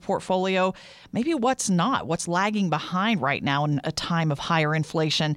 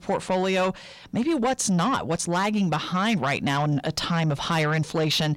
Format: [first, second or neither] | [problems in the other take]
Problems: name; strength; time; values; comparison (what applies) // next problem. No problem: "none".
first | distortion; slight; 10 dB below the speech